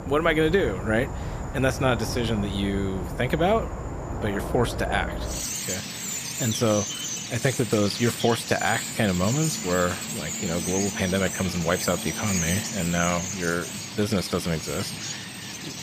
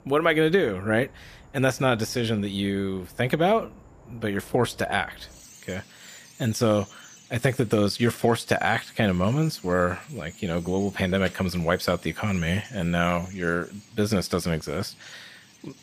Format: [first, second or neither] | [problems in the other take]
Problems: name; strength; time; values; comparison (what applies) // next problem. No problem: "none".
second | animal sounds; loud; throughout; 5 dB below the speech; faint in the second